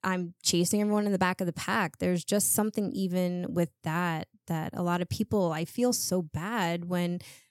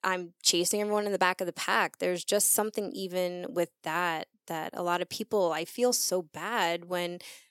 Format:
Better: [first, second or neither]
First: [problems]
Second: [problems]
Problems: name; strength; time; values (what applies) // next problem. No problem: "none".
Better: first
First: none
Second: thin; somewhat; fading below 450 Hz